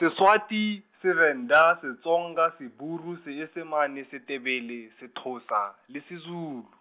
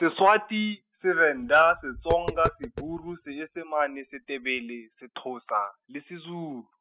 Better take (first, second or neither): first